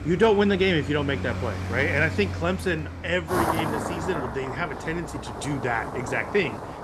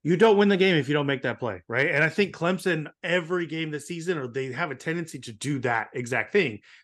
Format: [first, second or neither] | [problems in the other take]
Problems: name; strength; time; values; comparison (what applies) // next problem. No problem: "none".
second | traffic noise; loud; throughout; 6 dB below the speech